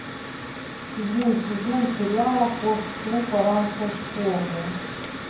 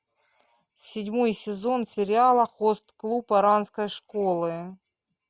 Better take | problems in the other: second | background sound (Mechanical fan); 8 dB below the speech // room echo; dies away in 0.9 s

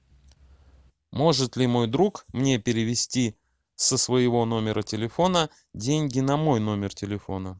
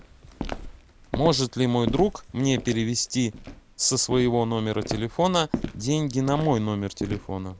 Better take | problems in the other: first | background sound (Walk, footsteps); 11 dB below the speech

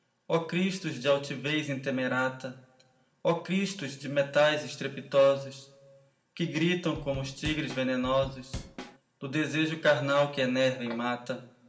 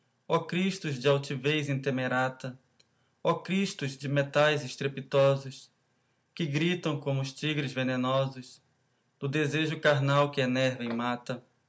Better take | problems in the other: second | background sound (Drum / Drum kit); 12 dB below the speech // room echo; dies away in 1.1 s

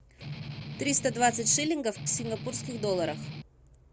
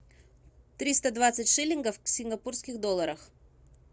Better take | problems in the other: second | background sound (Strum); 8 dB below the speech

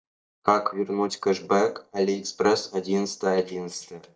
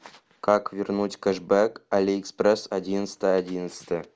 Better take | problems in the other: second | noise reduction (neural mask model DeepFilterNet 3)

